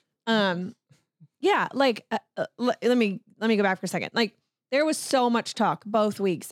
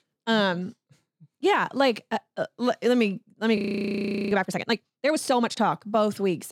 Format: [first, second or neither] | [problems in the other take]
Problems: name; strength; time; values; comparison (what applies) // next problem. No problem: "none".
first | audio freezing; at 3.5 s for 0.5 s